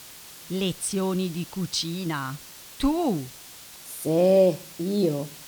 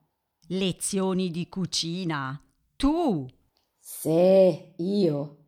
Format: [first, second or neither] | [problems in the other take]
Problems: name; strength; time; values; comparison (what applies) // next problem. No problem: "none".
second | hiss; noticeable; throughout; 15 dB below the speech